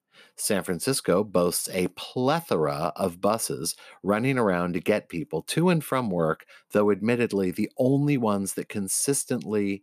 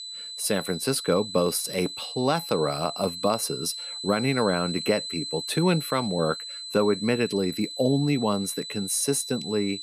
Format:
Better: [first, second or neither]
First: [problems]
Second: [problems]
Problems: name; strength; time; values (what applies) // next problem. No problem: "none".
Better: first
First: none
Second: high-pitched whine; loud; throughout; 4 kHz, 8 dB below the speech